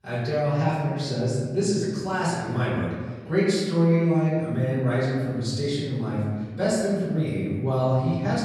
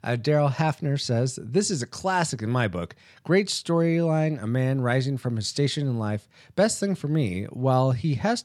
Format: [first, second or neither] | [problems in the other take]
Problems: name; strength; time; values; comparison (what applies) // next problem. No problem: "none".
second | off-mic speech; far // room echo; strong; dies away in 1.5 s